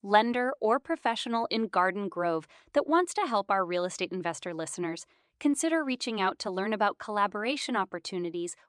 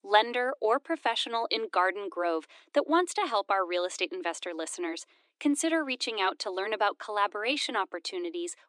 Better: first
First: none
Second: thin; very slightly; fading below 300 Hz

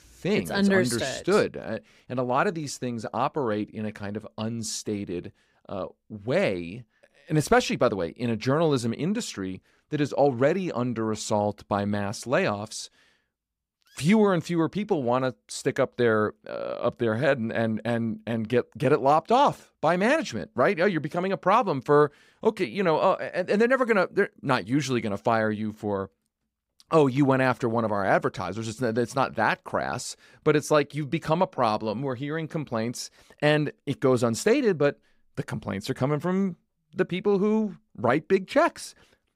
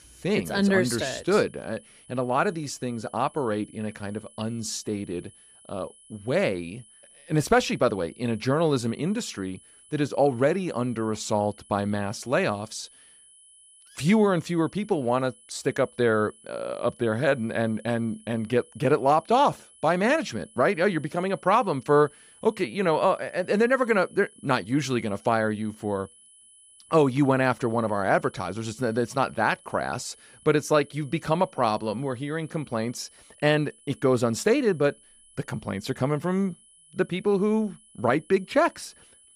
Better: first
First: none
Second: high-pitched whine; faint; throughout; 10 kHz, 25 dB below the speech

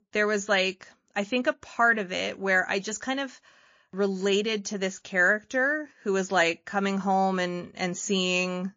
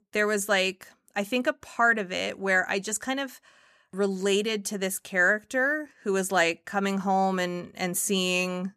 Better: second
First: garbled, watery; slightly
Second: none

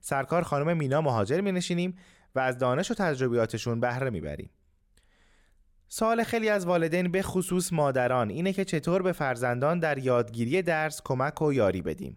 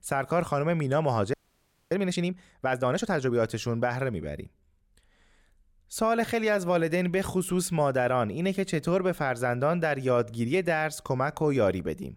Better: first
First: none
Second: audio freezing; at 1.5 s for 0.5 s

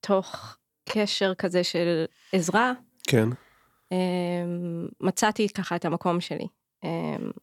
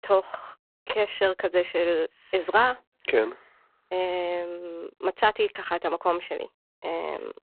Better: first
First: none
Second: phone-call audio; poor line

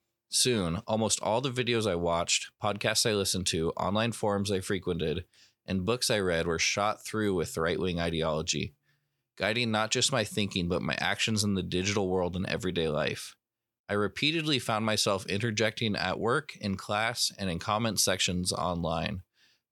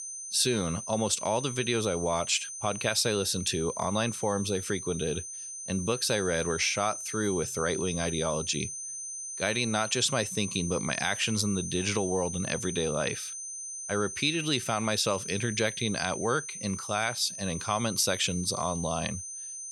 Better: first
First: none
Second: high-pitched whine; loud; throughout; 6 kHz, 7 dB below the speech

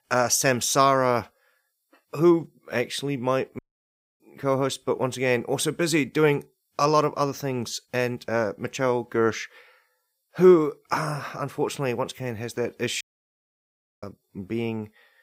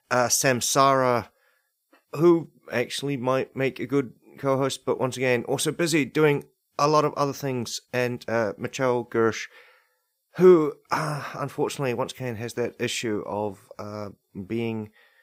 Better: second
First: audio cutting out; at 3.5 s for 0.5 s and at 13 s for 1 s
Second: none

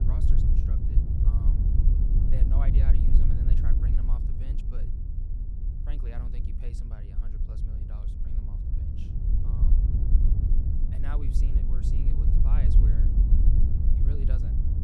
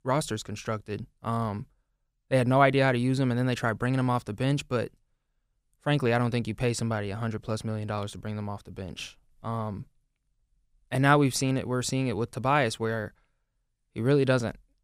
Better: second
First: wind noise on the microphone; heavy; 5 dB above the speech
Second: none

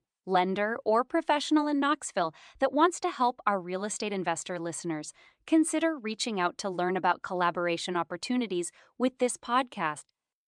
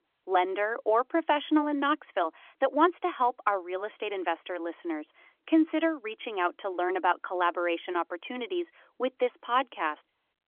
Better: first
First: none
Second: phone-call audio; nothing above 3.5 kHz

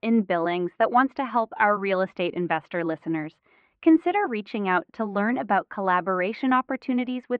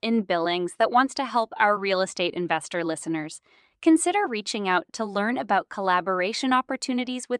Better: second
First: muffled; very; fading above 2.5 kHz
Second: none

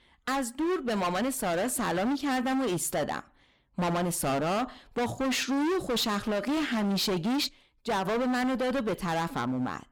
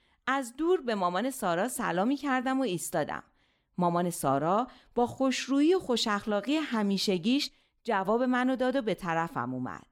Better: second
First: distortion; heavy; 30% of the sound clipped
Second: none

